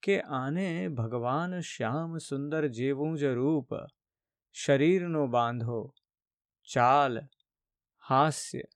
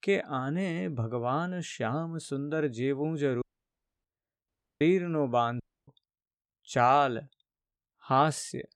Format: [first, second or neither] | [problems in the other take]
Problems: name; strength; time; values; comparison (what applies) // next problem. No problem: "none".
first | audio cutting out; at 3.5 s for 0.5 s, at 4.5 s and at 5.5 s